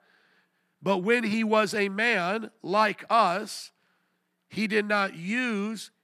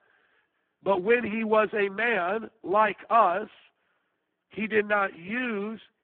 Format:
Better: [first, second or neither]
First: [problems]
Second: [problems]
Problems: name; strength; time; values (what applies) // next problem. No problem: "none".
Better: first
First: none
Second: phone-call audio; poor line